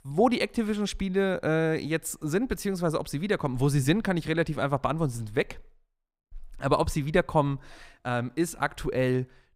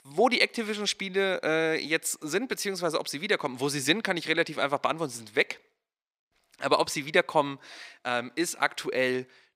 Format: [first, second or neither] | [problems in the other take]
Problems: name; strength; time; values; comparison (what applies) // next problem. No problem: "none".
first | thin; somewhat; fading below 300 Hz